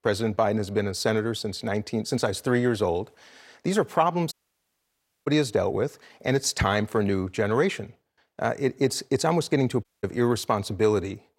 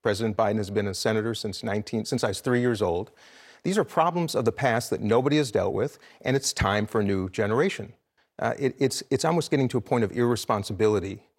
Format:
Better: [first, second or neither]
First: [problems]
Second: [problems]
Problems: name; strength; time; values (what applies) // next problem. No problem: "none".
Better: second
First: audio cutting out; at 4.5 s for 1 s and at 10 s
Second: none